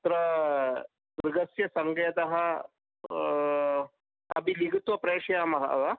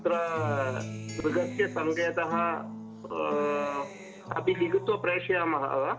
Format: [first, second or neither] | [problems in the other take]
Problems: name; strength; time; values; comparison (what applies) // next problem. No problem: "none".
first | background sound (Acoustic guitar); 10 dB below the speech // room echo; dies away in 0.4 s